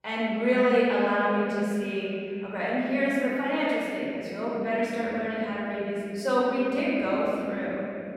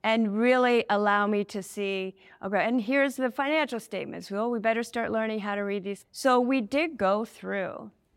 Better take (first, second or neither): second